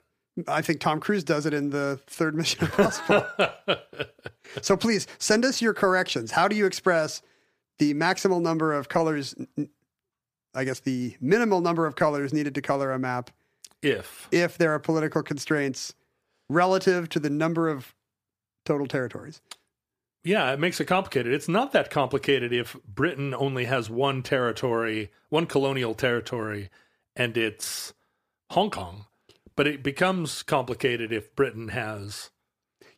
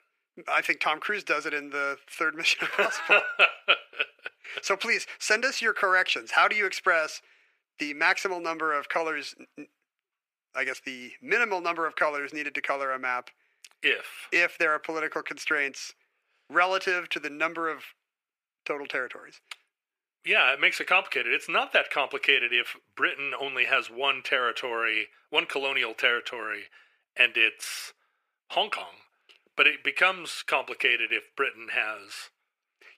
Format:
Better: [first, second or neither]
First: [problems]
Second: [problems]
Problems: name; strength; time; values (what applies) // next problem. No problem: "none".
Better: first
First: none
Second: thin; very; fading below 500 Hz